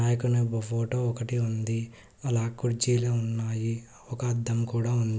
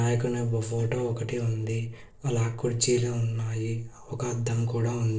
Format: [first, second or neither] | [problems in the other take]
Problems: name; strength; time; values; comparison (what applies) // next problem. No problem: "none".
first | noise reduction (neural separator model SepFormer DNS4)